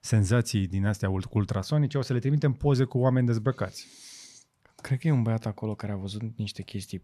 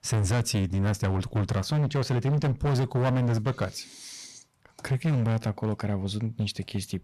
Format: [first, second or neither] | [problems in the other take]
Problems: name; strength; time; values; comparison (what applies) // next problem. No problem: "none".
first | distortion; heavy; 18% of the sound clipped